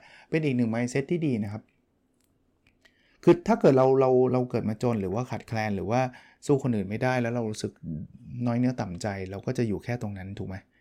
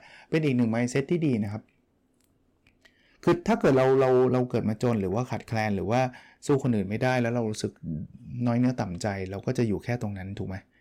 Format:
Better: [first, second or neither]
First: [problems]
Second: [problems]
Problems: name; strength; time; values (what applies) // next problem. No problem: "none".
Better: first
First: none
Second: distortion; slight; 3% of the sound clipped